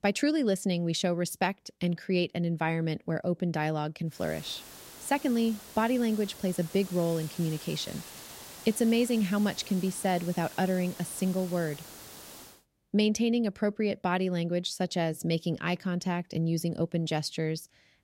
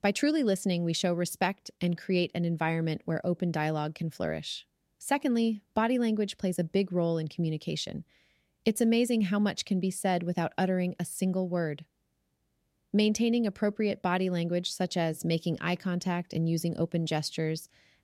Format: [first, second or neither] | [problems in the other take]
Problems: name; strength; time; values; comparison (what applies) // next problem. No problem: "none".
second | hiss; noticeable; from 4 to 13 s; 15 dB below the speech